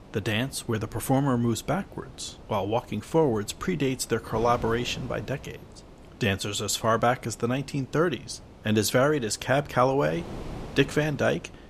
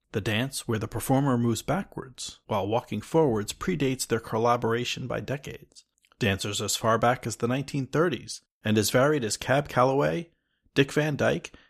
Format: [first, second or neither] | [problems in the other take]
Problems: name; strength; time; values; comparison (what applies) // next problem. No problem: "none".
second | wind noise on the microphone; occasional gusts; 20 dB below the speech